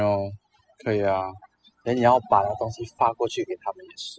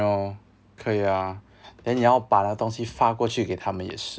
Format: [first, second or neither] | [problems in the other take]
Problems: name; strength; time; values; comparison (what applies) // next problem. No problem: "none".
second | noise reduction (classical method spectral subtraction)